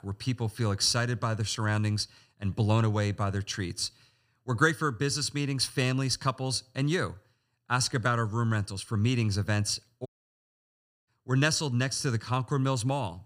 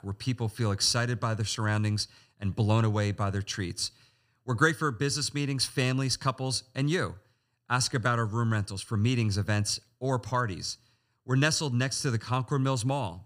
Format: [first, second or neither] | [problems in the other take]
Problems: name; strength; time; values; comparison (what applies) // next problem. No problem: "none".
second | audio cutting out; at 10 s for 1 s